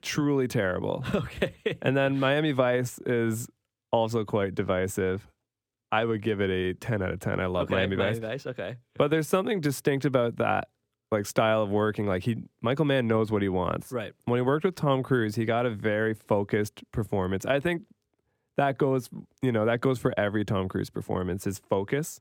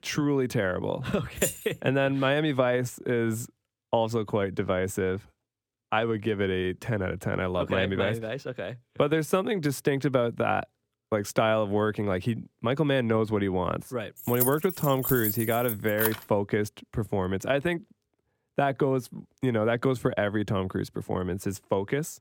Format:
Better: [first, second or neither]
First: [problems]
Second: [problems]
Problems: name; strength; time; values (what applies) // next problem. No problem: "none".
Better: first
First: none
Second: jangling keys; noticeable; at 1.5 s and from 14 to 16 s; peak level with the speech